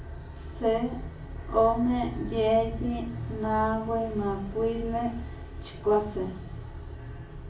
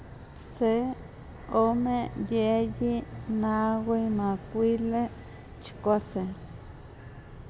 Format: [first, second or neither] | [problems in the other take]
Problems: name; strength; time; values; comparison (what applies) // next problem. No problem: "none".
second | room echo; dies away in 0.3 s